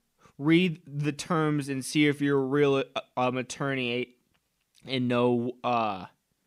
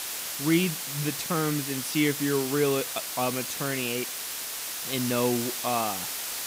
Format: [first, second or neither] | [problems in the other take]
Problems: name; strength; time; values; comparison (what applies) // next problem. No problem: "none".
first | hiss; loud; throughout; 3 dB below the speech